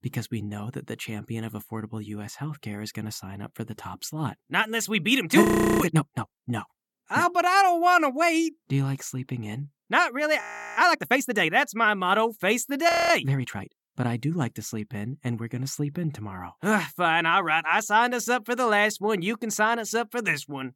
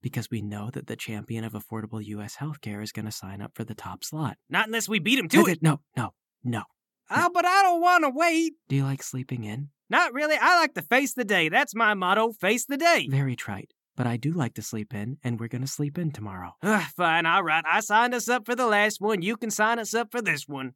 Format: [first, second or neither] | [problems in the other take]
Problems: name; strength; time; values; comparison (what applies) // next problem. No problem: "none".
second | audio freezing; at 5.5 s, at 10 s and at 13 s